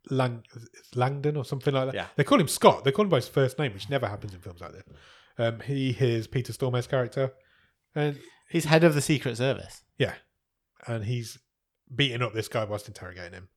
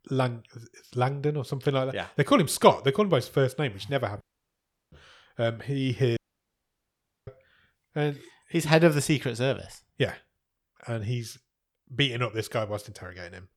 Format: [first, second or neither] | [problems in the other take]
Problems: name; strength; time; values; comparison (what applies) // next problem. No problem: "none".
first | audio cutting out; at 4 s for 0.5 s and at 6 s for 1 s